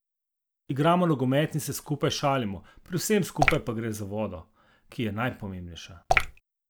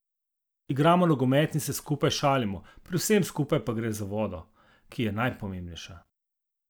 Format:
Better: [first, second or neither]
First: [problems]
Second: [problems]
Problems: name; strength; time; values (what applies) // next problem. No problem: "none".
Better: second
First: background sound (Drip / Water); 5 dB above the speech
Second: none